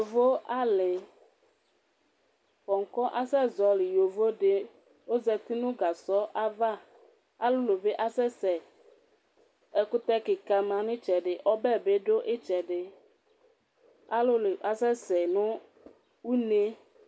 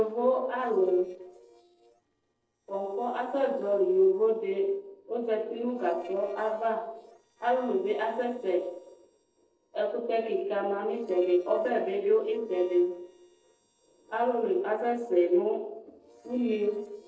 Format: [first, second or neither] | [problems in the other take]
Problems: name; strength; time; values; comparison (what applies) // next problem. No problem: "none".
first | noise reduction (neural separator model SepFormer DNS4)